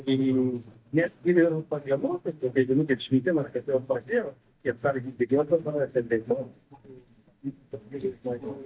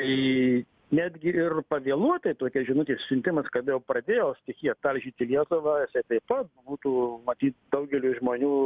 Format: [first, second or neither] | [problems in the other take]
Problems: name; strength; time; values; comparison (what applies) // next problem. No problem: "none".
second | noise reduction (neural mask model DeepFilterNet 3)